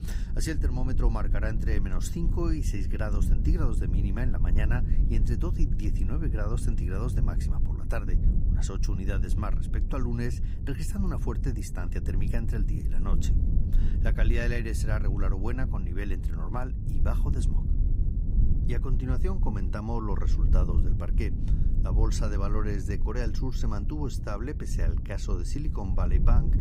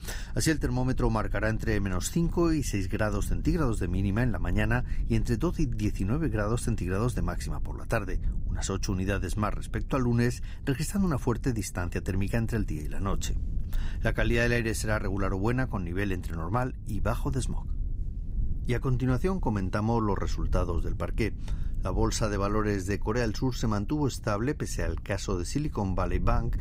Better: second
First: low rumble; loud; throughout; 7 dB below the speech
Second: low rumble; faint; throughout; 20 dB below the speech

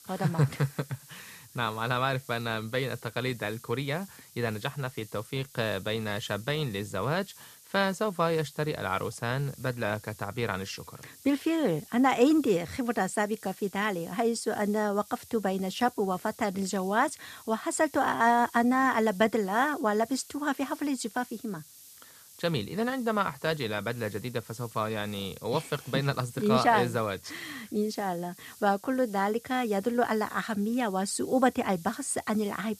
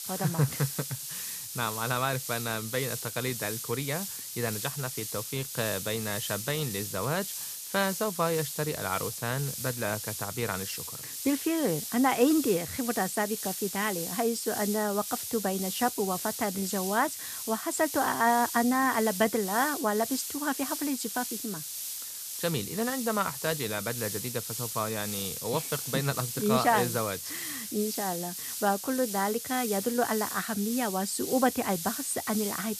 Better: first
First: hiss; faint; throughout; 20 dB below the speech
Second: hiss; loud; throughout; 4 dB below the speech

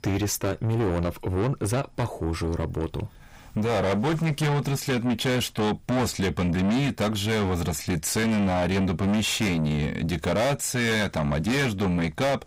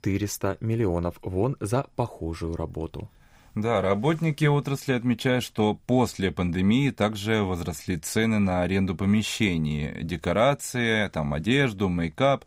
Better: second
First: distortion; heavy; 6 dB below the speech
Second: none

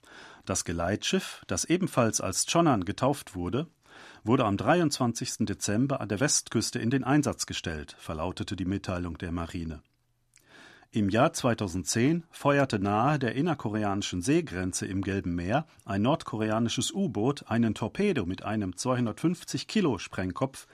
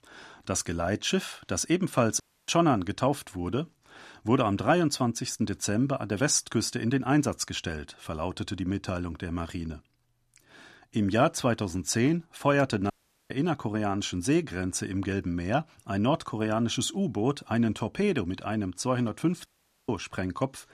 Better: first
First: none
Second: audio cutting out; at 2 s, at 13 s and at 19 s

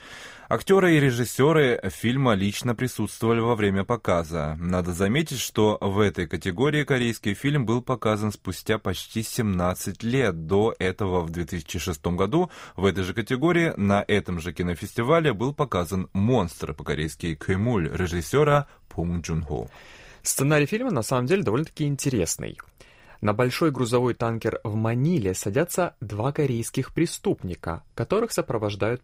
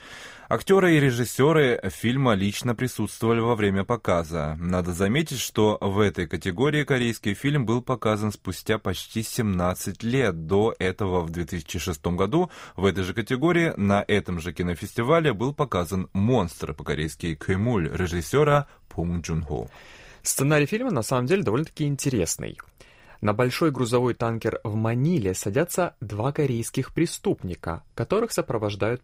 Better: neither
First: none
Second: none

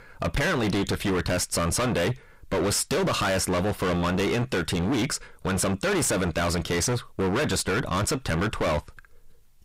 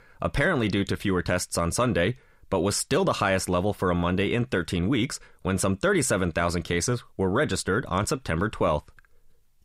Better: second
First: distortion; heavy; 30% of the sound clipped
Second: none

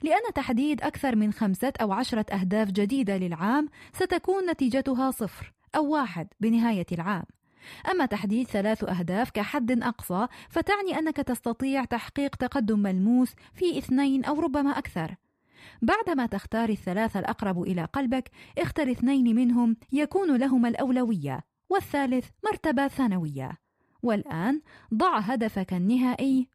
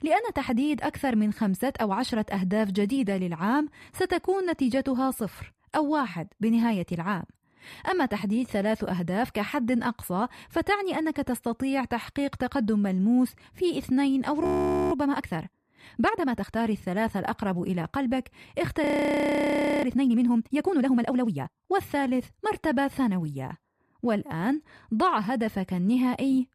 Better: first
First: none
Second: audio freezing; at 14 s and at 19 s for 1 s

